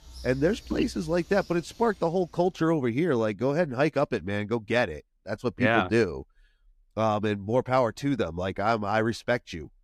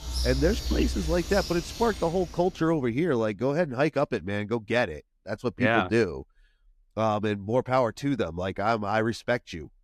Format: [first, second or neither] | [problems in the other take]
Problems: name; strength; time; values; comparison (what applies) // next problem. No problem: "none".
first | animal sounds; loud; until 2 s; 6 dB below the speech; faint in the first